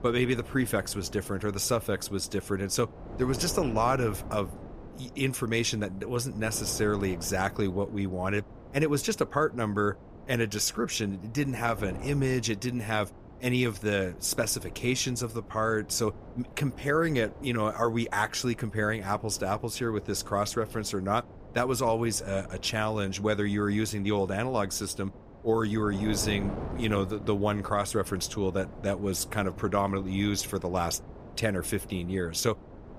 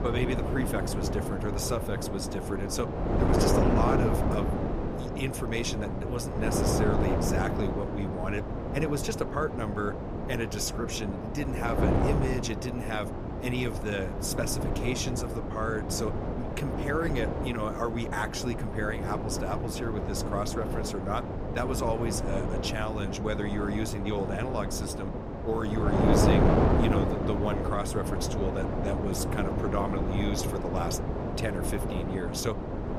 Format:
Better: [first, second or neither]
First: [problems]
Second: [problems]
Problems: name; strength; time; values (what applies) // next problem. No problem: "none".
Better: first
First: wind noise on the microphone; occasional gusts; 15 dB below the speech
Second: wind noise on the microphone; heavy; as loud as the speech